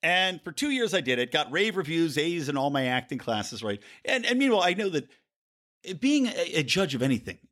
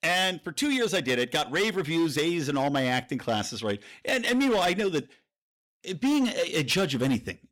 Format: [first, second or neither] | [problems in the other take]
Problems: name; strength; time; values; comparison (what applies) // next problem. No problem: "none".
first | distortion; slight; 11% of the sound clipped